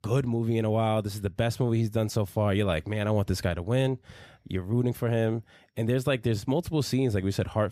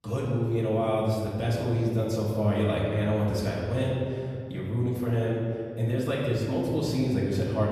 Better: first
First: none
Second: room echo; noticeable; dies away in 1.9 s // off-mic speech; far

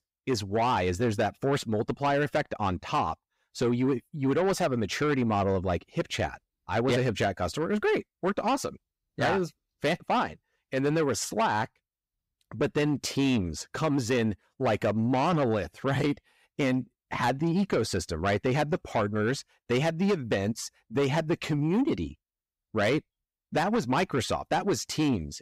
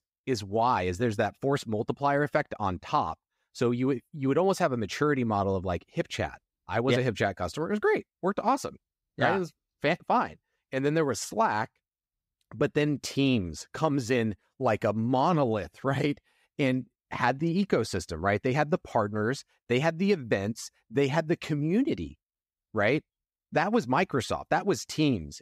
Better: second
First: distortion; slight; 10 dB below the speech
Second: none

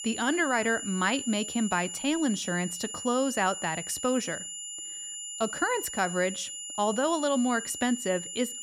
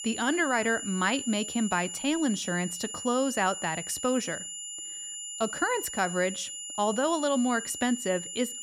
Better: neither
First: high-pitched whine; loud; throughout; 7 kHz, 7 dB below the speech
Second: high-pitched whine; loud; throughout; 7 kHz, 7 dB below the speech

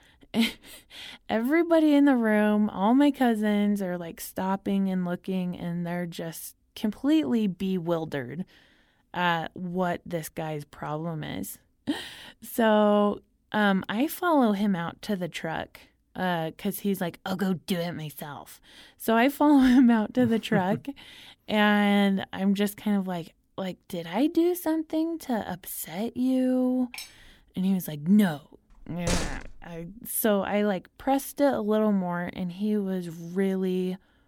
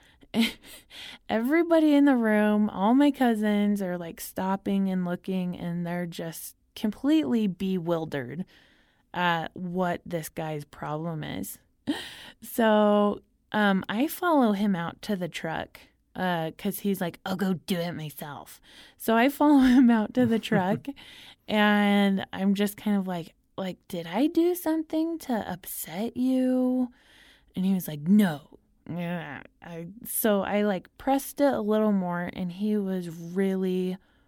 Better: second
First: clattering dishes; faint; at 27 s; peak 15 dB below the speech // door banging; noticeable; at 29 s; peak 4 dB below the speech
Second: none

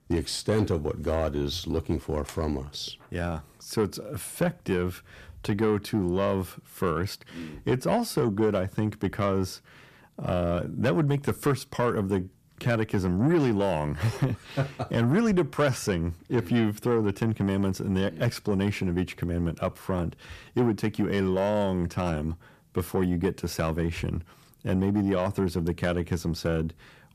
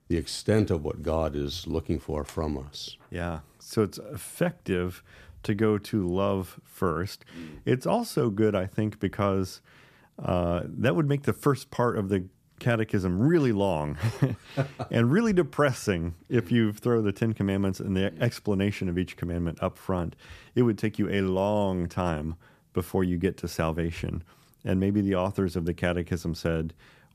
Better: second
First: distortion; slight; 10 dB below the speech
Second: none

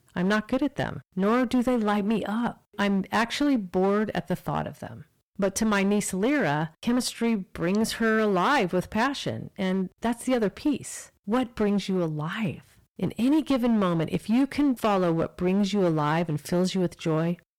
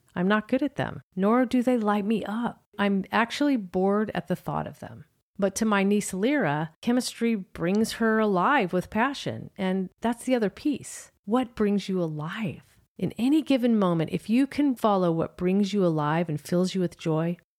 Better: second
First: distortion; slight; 10% of the sound clipped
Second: none

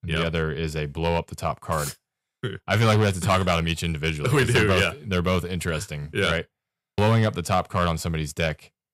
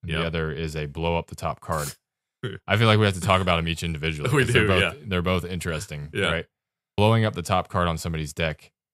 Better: second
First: distortion; slight; 2% of the sound clipped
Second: none

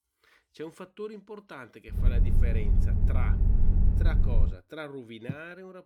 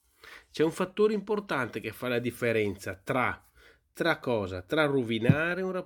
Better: second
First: low rumble; loud; from 2 to 4.5 s; 2 dB below the speech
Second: none

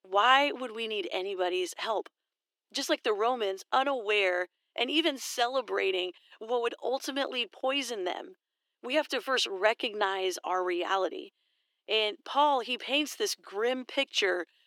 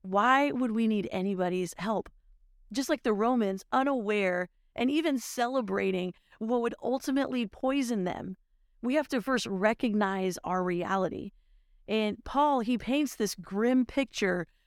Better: second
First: thin; somewhat; fading below 350 Hz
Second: none

